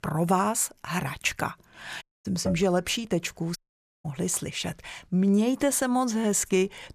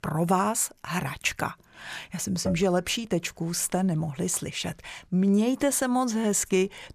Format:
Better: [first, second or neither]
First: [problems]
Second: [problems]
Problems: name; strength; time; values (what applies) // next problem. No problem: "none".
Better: second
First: audio cutting out; at 2 s and at 3.5 s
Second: none